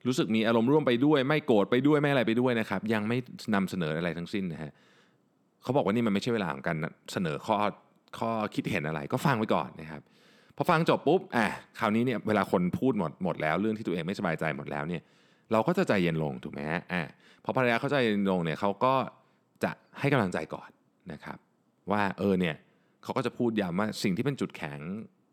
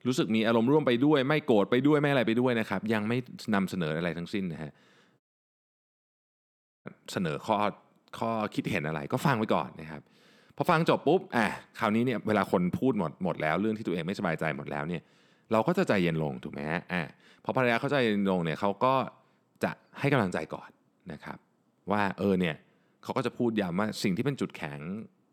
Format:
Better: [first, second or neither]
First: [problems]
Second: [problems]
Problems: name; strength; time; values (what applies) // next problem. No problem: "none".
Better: first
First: none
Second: audio cutting out; at 5 s for 1.5 s